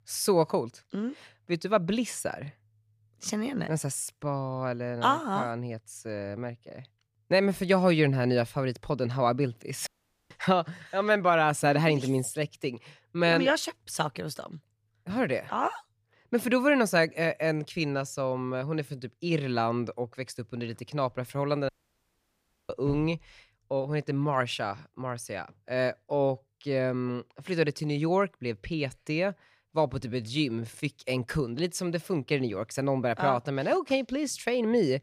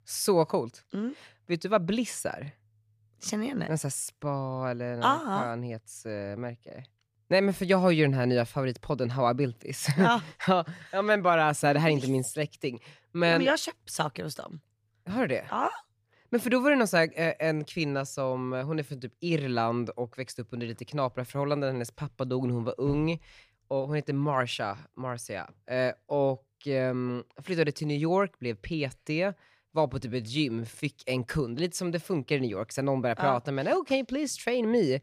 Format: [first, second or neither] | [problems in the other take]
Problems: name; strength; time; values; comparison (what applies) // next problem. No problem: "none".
second | audio cutting out; at 10 s and at 22 s for 1 s